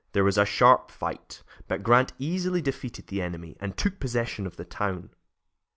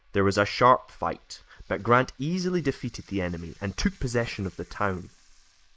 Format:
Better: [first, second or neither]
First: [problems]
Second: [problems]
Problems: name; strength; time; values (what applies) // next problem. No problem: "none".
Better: first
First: none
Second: noise reduction (neural mask model Resemble Enhance denoiser)